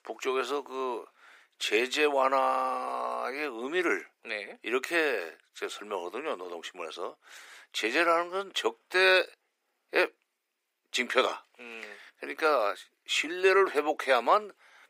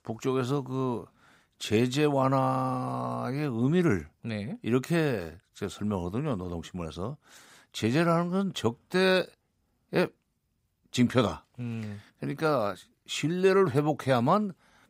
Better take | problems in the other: second | thin; very; fading below 350 Hz

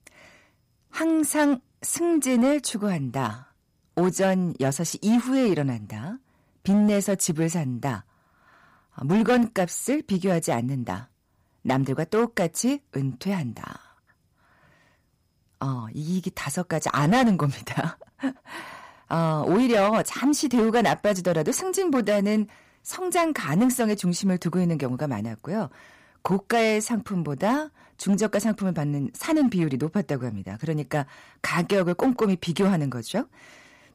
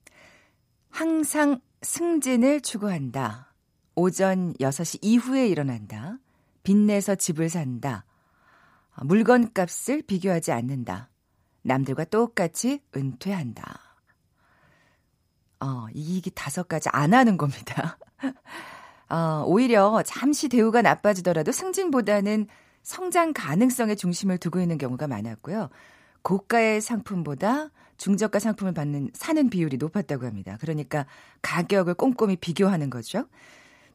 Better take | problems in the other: second | distortion; slight; 5% of the sound clipped

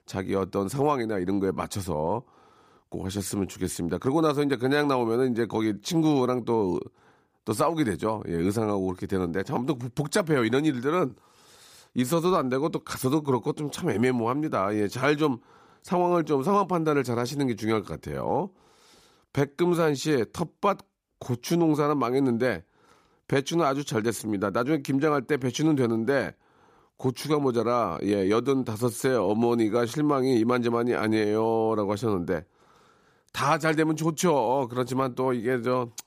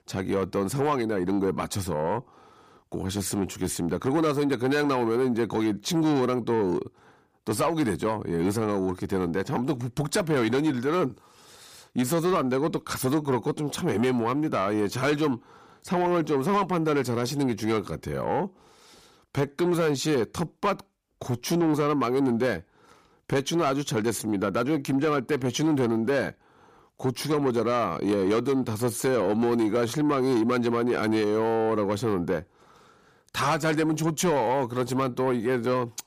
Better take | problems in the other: first | distortion; slight; 10 dB below the speech

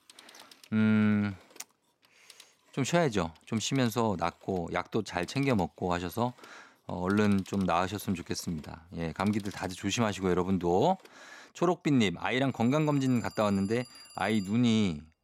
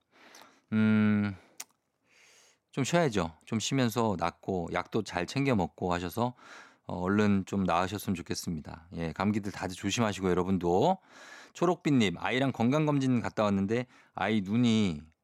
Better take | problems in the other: second | alarms or sirens; faint; throughout; 25 dB below the speech

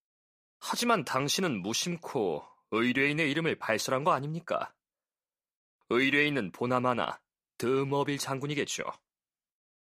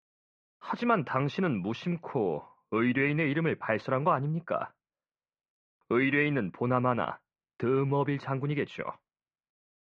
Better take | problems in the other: first | muffled; very; fading above 2.5 kHz

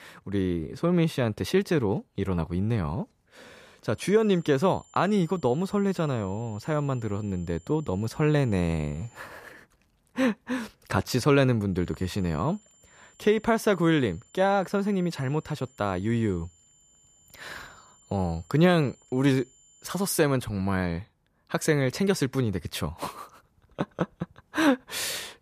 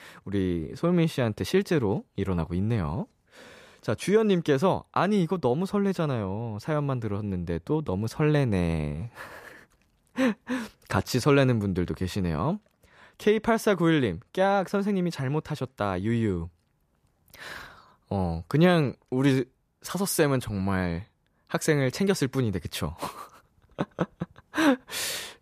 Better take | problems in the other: second | high-pitched whine; faint; from 4 to 9 s and from 12 to 20 s; 7 kHz, 30 dB below the speech

